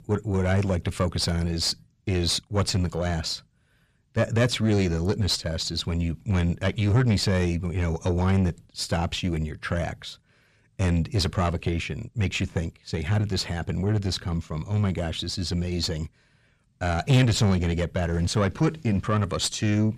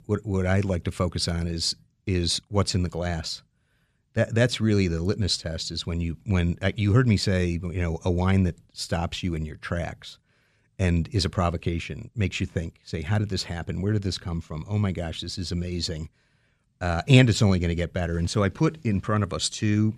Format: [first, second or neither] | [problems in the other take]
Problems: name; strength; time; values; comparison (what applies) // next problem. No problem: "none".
second | distortion; slight; 9 dB below the speech